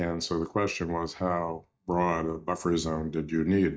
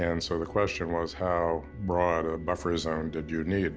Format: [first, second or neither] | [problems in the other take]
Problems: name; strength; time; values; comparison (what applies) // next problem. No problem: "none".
second | noise reduction (neural mask model DeepFilterNet 3)